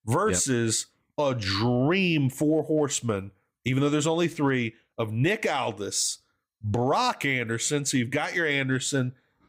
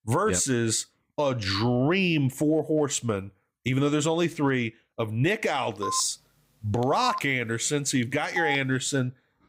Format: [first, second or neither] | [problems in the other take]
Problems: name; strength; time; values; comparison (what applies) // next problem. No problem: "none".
first | phone ringing; noticeable; from 6 to 8.5 s; peak 7 dB below the speech